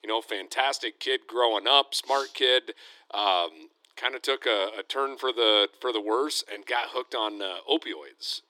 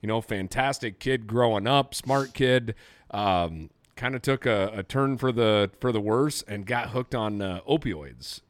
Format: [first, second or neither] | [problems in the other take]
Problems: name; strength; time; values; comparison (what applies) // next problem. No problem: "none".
second | thin; very; fading below 300 Hz